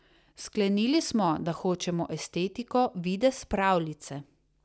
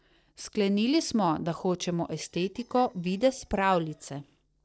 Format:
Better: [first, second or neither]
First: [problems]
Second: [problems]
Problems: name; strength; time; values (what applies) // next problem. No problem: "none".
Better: first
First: none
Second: noise reduction (neural separator model SepFormer DNS4)